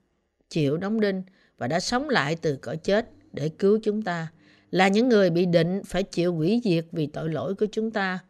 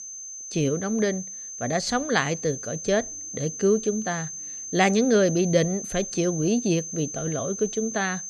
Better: first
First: none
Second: high-pitched whine; loud; throughout; 6.5 kHz, 8 dB below the speech

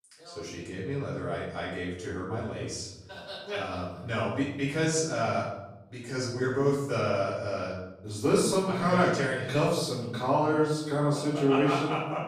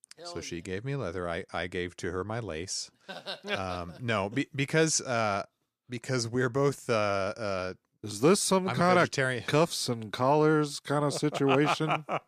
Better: second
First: off-mic speech; far // room echo; noticeable; dies away in 0.9 s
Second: none

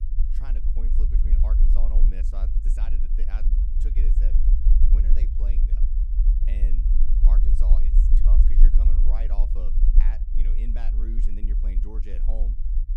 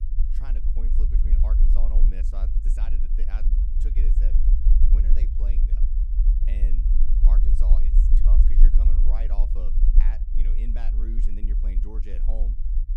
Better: neither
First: low rumble; loud; throughout; as loud as the speech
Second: low rumble; loud; throughout; as loud as the speech

